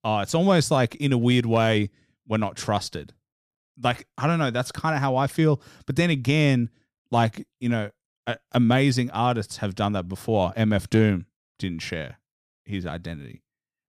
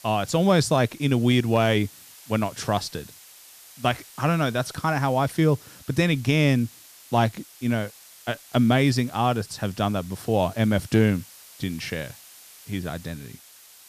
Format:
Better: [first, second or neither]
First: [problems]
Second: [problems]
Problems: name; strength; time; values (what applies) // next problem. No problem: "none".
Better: first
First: none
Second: hiss; faint; throughout; 20 dB below the speech